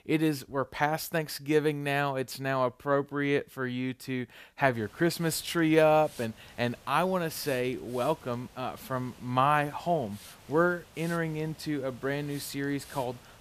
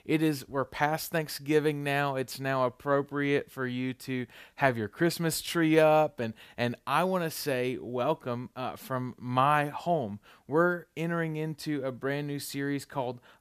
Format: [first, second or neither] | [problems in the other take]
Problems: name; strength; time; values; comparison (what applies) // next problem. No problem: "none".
second | hiss; faint; from 4.5 s on; 20 dB below the speech